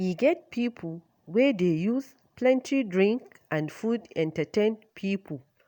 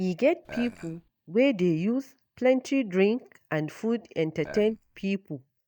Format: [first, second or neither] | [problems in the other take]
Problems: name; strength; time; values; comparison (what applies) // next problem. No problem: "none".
first | noise reduction (neural mask model DeepFilterNet 3)